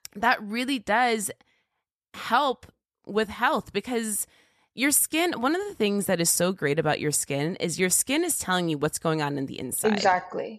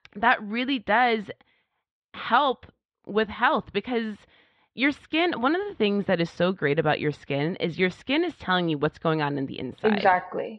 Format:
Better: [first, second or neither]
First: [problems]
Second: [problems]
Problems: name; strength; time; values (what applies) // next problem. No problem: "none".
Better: first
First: none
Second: muffled; very; fading above 3.5 kHz